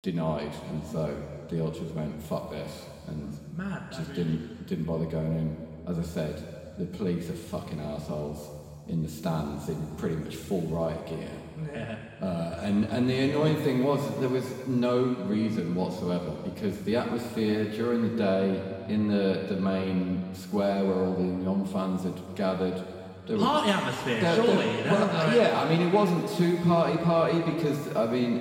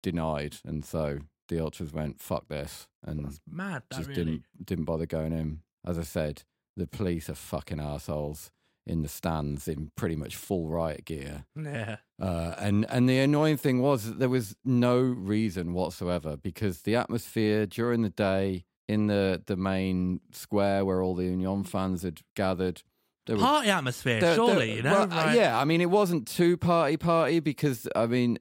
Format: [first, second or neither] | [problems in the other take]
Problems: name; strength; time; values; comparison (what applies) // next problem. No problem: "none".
second | room echo; noticeable; dies away in 2.4 s // off-mic speech; far